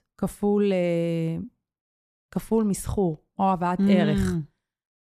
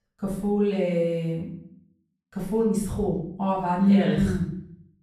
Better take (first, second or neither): first